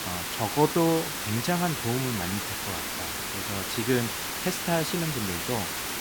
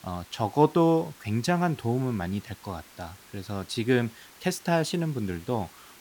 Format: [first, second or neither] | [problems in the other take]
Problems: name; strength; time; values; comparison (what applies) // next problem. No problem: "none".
second | hiss; loud; throughout; 1 dB below the speech; faint in the second